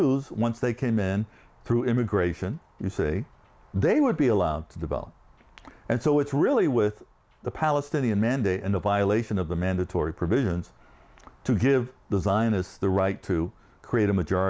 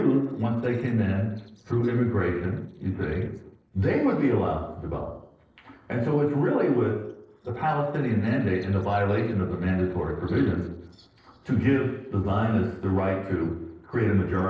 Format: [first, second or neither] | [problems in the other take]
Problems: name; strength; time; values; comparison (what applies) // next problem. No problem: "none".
first | noise reduction (neural separator model SepFormer DNS4)